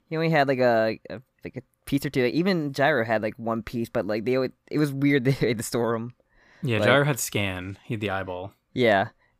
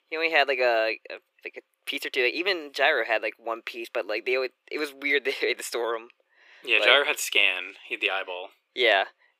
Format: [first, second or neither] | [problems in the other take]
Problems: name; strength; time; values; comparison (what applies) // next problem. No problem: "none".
first | thin; very; fading below 350 Hz